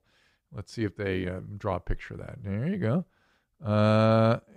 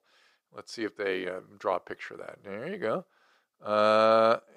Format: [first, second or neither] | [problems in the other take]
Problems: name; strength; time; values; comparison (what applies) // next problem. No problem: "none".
first | thin; very; fading below 450 Hz